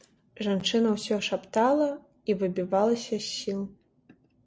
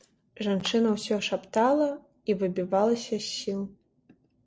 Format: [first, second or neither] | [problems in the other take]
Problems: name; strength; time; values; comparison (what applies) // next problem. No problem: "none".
first | noise reduction (neural separator model SepFormer DNS4)